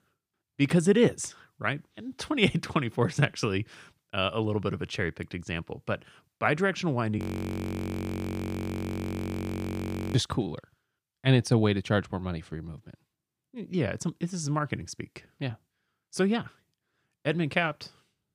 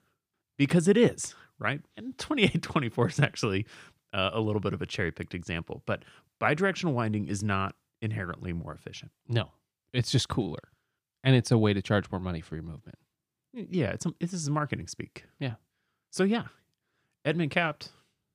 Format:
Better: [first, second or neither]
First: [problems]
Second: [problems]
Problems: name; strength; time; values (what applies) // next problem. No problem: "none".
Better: second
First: audio freezing; at 7 s for 3 s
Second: none